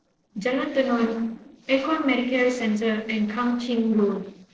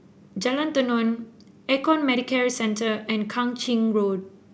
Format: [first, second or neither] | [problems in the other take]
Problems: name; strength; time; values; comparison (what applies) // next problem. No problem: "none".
second | noise reduction (neural separator model SepFormer DNS4)